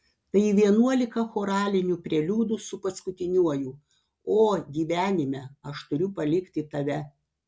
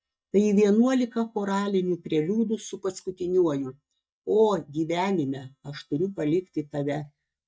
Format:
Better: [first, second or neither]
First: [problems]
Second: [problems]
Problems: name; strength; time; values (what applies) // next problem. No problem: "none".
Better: first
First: none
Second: noise reduction (neural mask model DeepFilterNet 3)